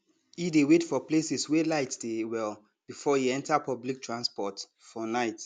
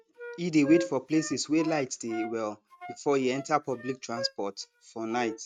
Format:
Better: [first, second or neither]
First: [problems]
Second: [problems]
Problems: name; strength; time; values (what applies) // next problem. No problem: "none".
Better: first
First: none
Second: noise reduction (neural mask model RNNoise)